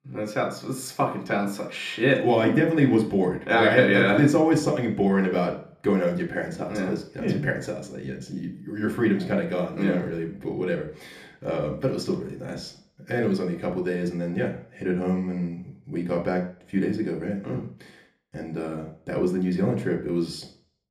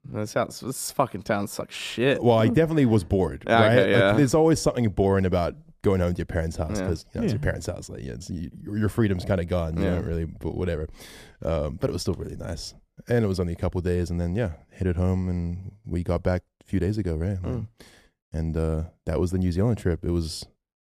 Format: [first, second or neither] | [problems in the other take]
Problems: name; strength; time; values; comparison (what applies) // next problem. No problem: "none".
second | room echo; slight; dies away in 0.4 s // off-mic speech; somewhat distant